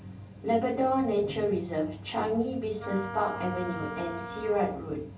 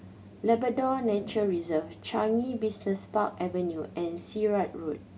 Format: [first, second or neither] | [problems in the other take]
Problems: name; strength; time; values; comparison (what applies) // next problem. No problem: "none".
second | background sound (Wind instrument, woodwind instrument); 11 dB below the speech // room echo; dies away in 0.3 s